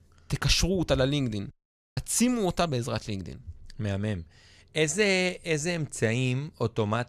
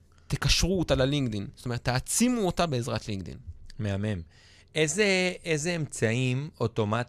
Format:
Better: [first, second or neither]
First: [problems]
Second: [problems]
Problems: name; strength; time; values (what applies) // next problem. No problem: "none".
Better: second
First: audio cutting out; at 1.5 s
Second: none